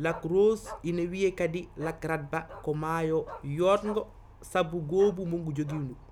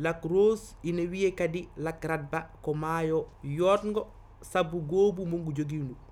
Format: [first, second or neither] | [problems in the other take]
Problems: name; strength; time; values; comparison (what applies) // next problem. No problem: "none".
second | background sound (Bark); 19 dB below the speech